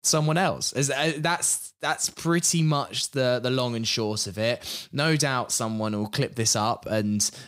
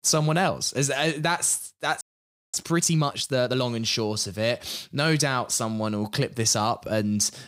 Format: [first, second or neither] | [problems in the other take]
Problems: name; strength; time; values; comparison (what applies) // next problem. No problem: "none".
first | audio freezing; at 2 s for 0.5 s